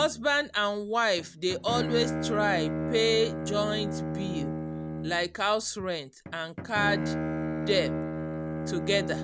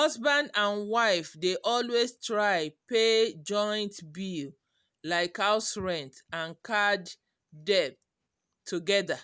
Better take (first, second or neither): second